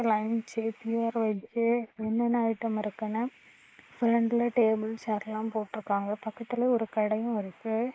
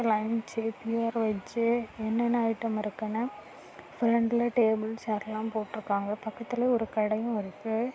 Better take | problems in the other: second | noise reduction (neural mask model Resemble Enhance denoiser)

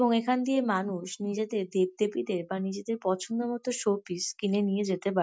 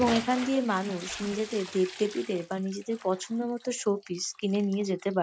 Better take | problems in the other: first | background sound (Bathtub (filling or washing) / Splash, splatter); 14 dB below the speech

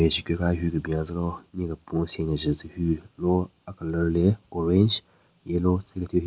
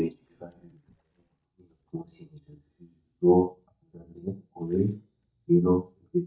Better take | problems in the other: first | noise reduction (neural mask model DeepFilterNet 3)

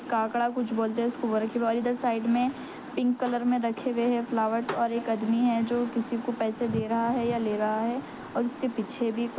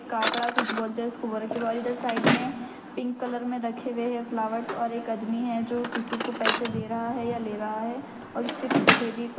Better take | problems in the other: first | background sound (Drawer open or close); 2 dB below the speech // room echo; dies away in 1.8 s

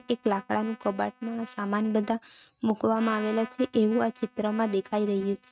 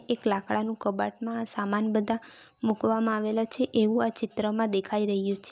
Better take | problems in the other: second | noise reduction (neural mask model RNNoise)

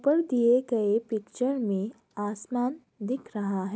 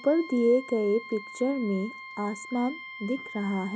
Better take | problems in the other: first | background sound (Wind instrument, woodwind instrument); 15 dB below the speech

